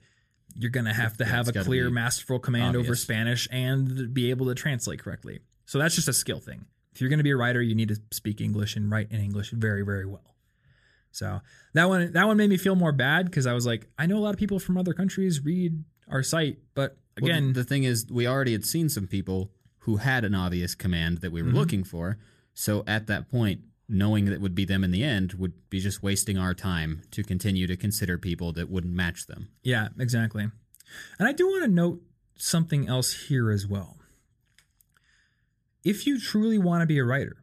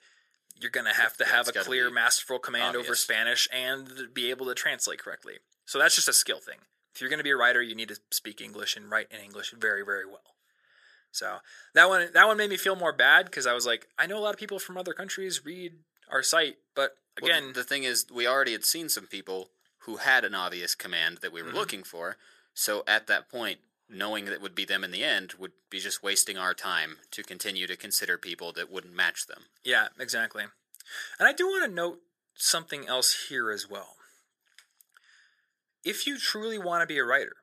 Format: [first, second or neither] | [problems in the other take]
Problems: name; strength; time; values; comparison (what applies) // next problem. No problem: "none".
first | thin; very; fading below 500 Hz